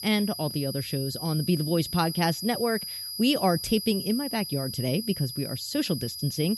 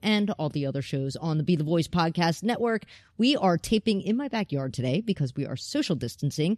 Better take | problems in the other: second | high-pitched whine; loud; throughout; 5 kHz, 6 dB below the speech

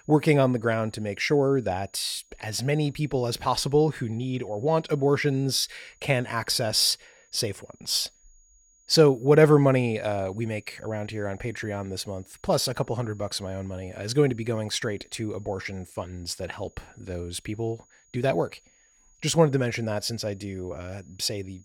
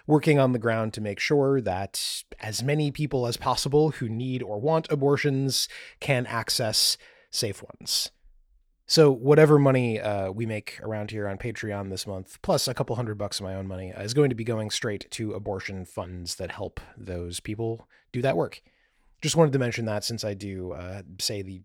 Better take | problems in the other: second | high-pitched whine; faint; throughout; 6.5 kHz, 35 dB below the speech

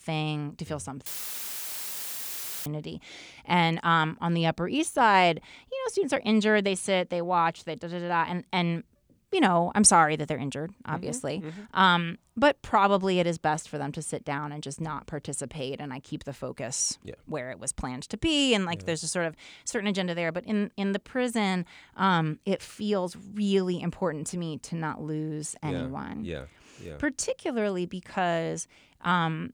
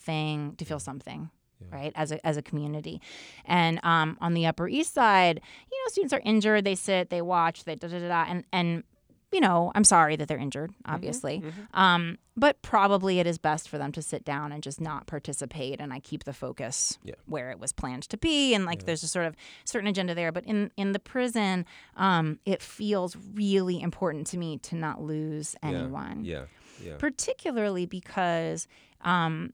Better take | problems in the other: second | audio cutting out; filled with static; at 1 s for 1.5 s

